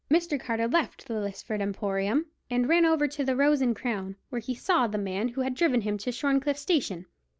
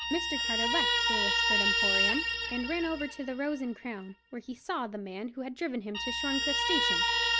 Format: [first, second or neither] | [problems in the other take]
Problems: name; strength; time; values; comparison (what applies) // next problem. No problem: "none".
first | background sound (Guitar); 5 dB above the speech